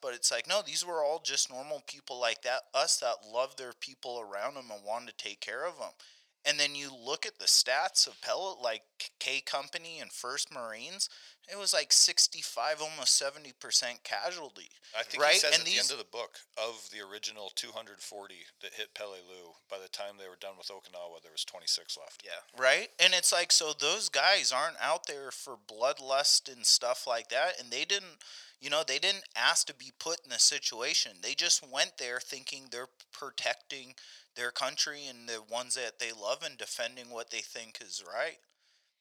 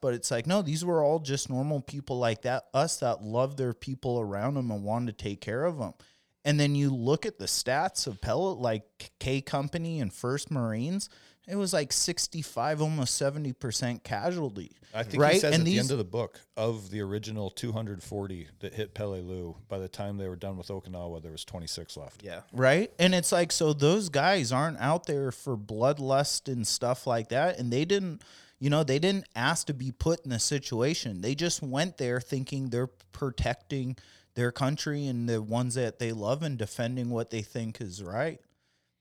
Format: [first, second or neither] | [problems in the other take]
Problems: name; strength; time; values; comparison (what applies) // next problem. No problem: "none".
second | thin; very; fading below 900 Hz